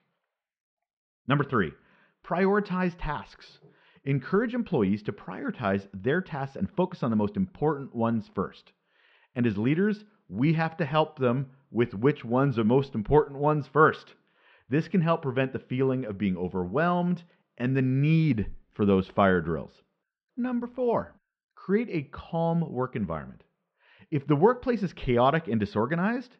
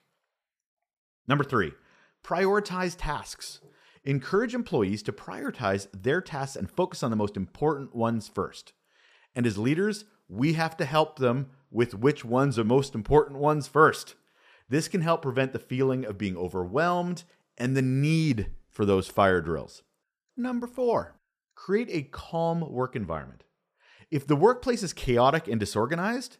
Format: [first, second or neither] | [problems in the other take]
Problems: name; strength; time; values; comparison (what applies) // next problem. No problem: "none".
second | muffled; slightly; fading above 3.5 kHz